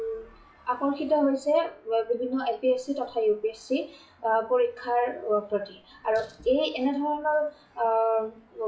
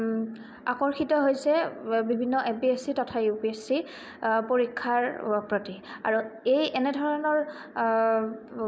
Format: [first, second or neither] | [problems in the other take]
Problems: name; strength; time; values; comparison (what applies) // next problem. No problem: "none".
second | noise reduction (classical method WPE with log-MMSE)